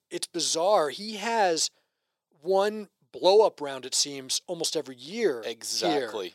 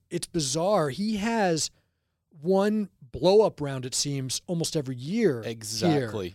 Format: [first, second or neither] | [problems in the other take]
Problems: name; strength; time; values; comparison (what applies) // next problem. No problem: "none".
second | thin; somewhat; fading below 450 Hz